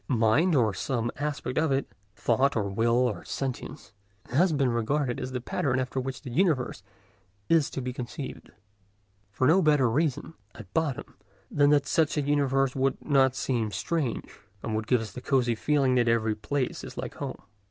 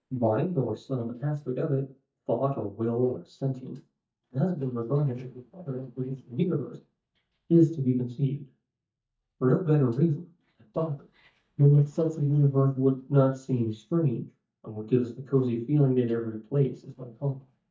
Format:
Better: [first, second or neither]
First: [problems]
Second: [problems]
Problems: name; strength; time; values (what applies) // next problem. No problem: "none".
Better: first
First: none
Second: noise reduction (neural mask model DeepFilterNet 3)